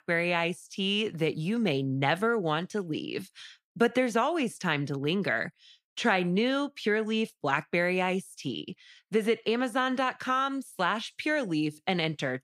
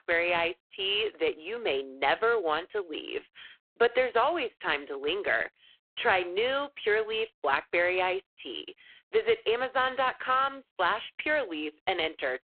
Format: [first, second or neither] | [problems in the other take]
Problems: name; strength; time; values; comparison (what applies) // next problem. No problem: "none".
first | phone-call audio; poor line